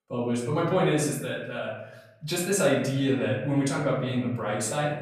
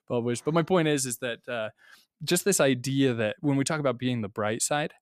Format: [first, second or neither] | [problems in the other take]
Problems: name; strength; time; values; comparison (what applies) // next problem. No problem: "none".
second | off-mic speech; far // room echo; noticeable; dies away in 0.9 s